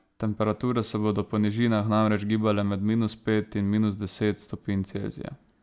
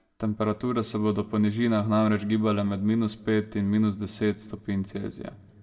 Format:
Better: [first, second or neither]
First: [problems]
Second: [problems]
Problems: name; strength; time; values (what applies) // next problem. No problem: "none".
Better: first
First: none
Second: room echo; dies away in 1.7 s